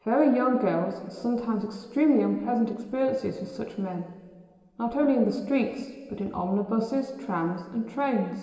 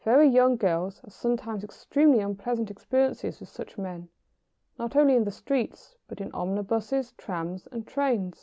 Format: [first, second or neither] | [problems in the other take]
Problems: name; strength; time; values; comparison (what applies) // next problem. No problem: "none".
second | room echo; dies away in 2 s